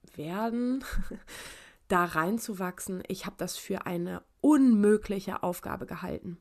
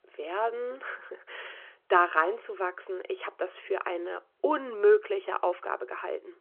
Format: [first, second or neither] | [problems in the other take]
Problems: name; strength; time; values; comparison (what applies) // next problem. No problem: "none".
first | phone-call audio